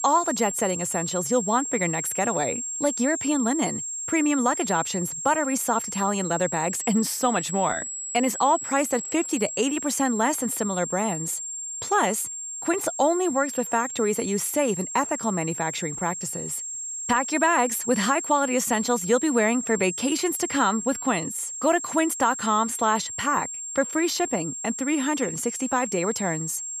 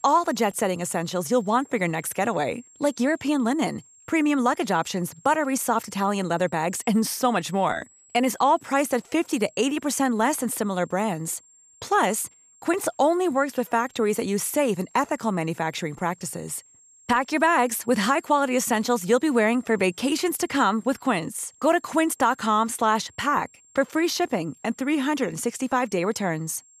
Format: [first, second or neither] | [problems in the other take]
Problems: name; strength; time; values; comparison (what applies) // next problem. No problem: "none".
second | high-pitched whine; loud; throughout; 7.5 kHz, 5 dB below the speech; faint in the second